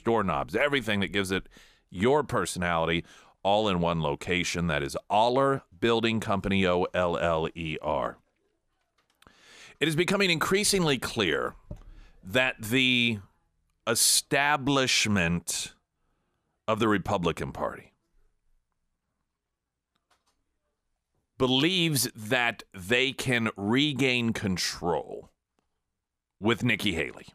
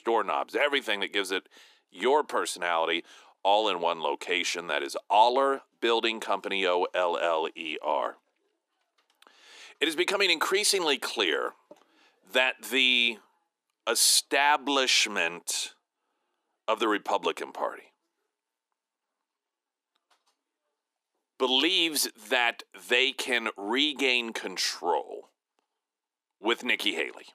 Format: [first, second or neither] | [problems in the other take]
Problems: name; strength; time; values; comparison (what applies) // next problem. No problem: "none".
first | thin; somewhat; fading below 300 Hz